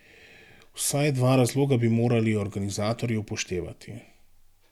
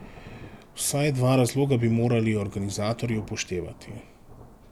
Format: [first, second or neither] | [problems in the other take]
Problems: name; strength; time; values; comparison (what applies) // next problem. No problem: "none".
first | background sound (Thunder / Rain); 19 dB below the speech